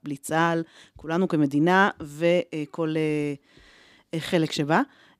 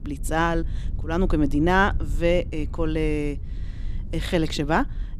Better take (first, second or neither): first